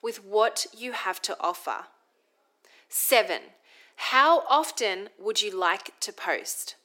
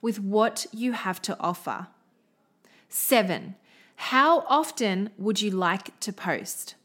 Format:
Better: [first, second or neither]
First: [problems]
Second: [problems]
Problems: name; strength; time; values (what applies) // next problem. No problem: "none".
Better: second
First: thin; very; fading below 350 Hz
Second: none